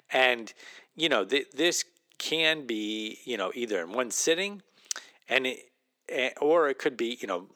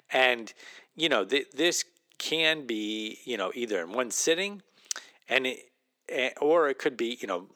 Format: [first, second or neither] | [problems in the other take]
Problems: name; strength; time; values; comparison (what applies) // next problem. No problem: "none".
neither | thin; somewhat; fading below 400 Hz; the same in both